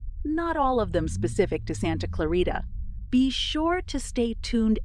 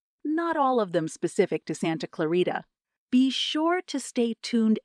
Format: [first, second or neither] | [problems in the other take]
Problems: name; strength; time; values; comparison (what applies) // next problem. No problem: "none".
second | low rumble; faint; throughout; 25 dB below the speech